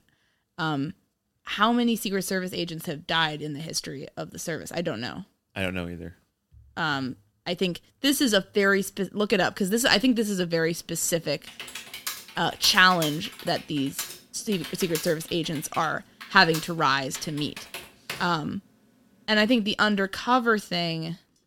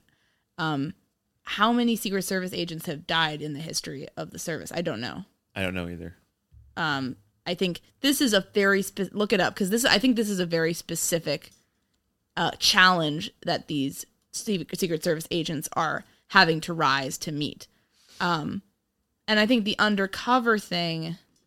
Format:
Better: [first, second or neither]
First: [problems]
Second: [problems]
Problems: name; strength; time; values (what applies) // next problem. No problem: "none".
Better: second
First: keyboard typing; noticeable; from 11 to 18 s; peak 8 dB below the speech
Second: none